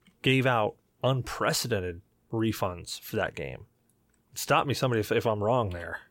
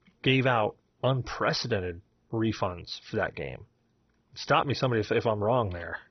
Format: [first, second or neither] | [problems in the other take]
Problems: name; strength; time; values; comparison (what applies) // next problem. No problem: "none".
first | garbled, watery; badly; nothing above 6 kHz